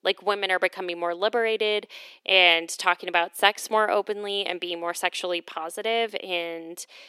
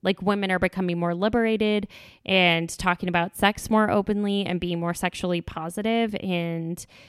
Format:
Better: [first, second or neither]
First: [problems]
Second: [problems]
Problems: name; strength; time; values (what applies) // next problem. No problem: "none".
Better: second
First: thin; very; fading below 350 Hz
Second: none